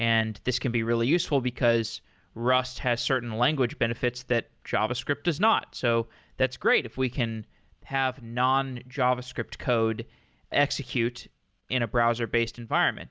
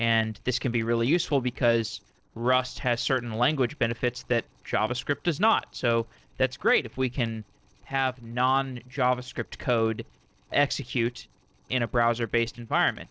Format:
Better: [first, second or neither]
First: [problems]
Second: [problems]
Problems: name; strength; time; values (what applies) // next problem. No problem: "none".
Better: first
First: none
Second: noise reduction (neural separator model SepFormer DNS4)